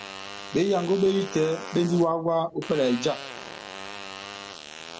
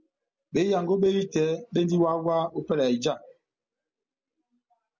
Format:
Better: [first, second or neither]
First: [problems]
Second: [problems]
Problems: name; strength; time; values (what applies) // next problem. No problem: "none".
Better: second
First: background sound (Fart); 13 dB below the speech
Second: none